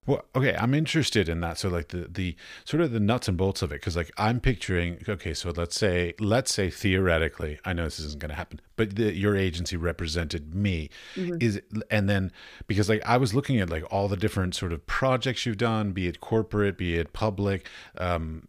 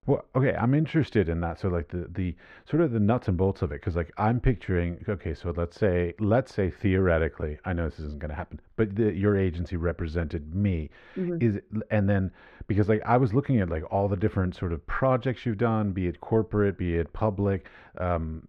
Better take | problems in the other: first | muffled; very; fading above 3.5 kHz

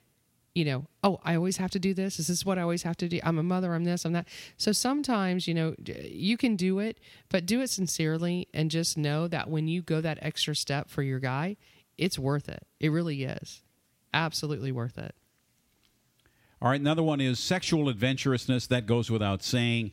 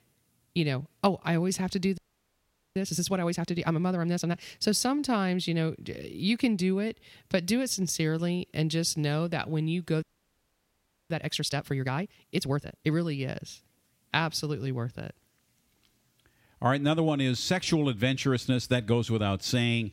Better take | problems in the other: first | audio freezing; at 2 s for 1 s and at 10 s for 1 s

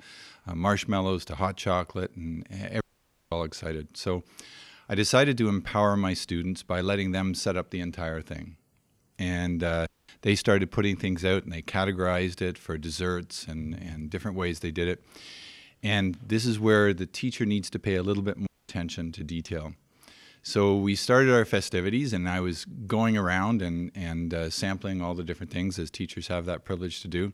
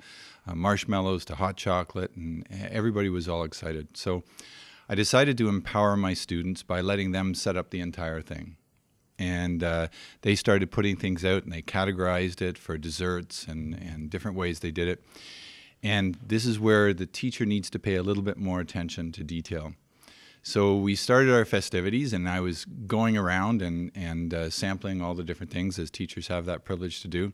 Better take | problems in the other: second | audio cutting out; at 3 s for 0.5 s, at 10 s and at 18 s

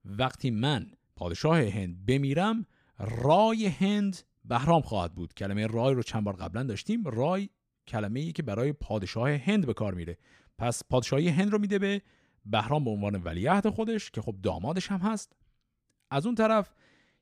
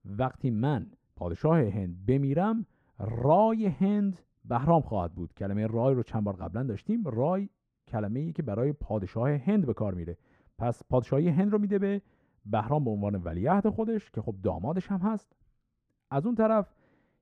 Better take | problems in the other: first | muffled; very; fading above 2 kHz

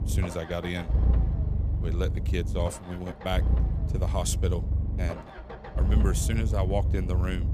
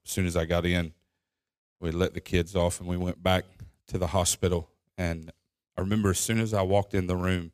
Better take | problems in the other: second | low rumble; loud; throughout; 7 dB below the speech

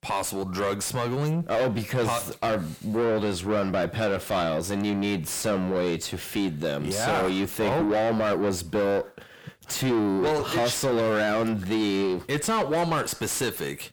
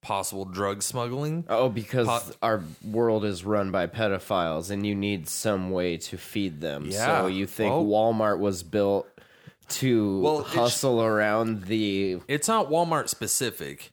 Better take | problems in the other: second | distortion; heavy; 6 dB below the speech

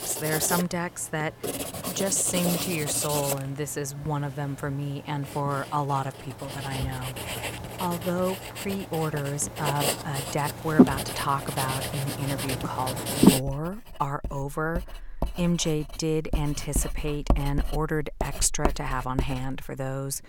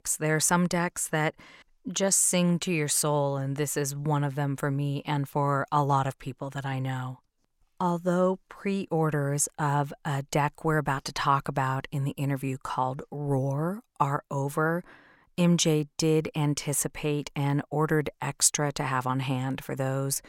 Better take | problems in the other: second | household noises; very loud; throughout; as loud as the speech

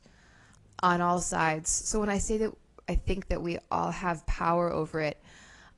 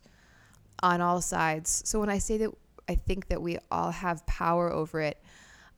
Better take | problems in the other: second | garbled, watery; slightly; nothing above 10.5 kHz

